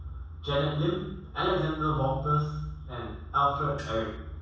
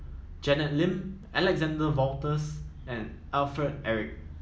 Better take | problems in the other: second | background sound (Gong); 18 dB below the speech // room echo; dies away in 0.7 s

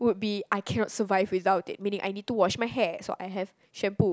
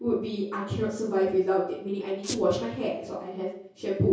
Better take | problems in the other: first | background sound (Squeak); 11 dB below the speech // room echo; dies away in 0.6 s

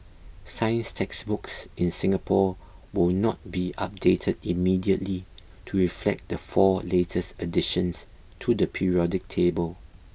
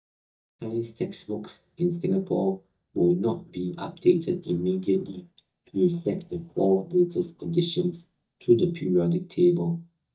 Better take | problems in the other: first | noise reduction (neural mask model DeepFilterNet 3)

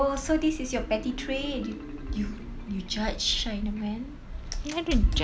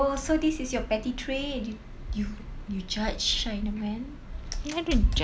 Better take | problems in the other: second | background sound (Marimba, xylophone); 16 dB below the speech

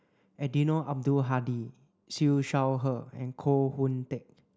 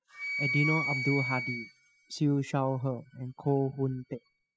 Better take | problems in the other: first | noise reduction (classical method spectral subtraction)

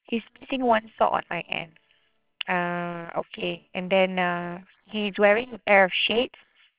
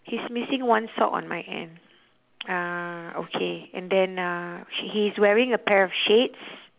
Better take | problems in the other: second | noise reduction (neural separator model SepFormer WHAMR!)

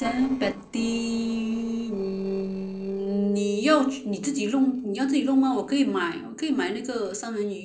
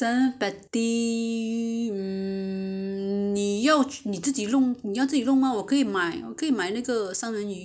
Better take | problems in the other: second | noise reduction (neural separator model SepFormer DNS4)

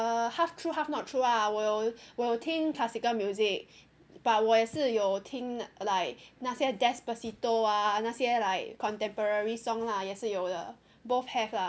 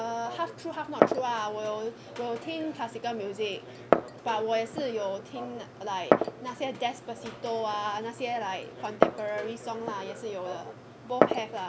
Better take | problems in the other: first | background sound (Glass); 1 dB above the speech

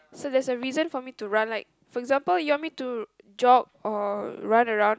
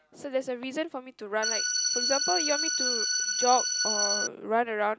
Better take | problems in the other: first | background sound (Organ); 3 dB above the speech

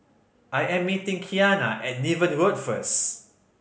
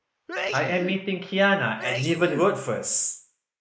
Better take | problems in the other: first | noise reduction (neural mask model Resemble Enhance denoiser)

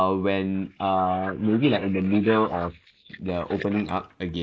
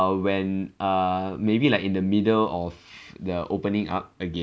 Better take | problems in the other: second | noise reduction (neural mask model Resemble Enhance denoiser)

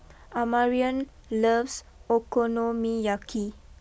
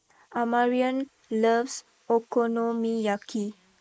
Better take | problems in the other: first | noise reduction (neural mask model Resemble Enhance denoiser)

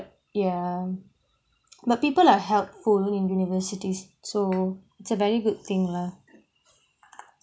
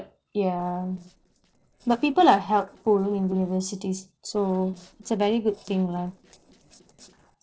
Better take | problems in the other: first | noise reduction (neural separator model SepFormer DNS4)

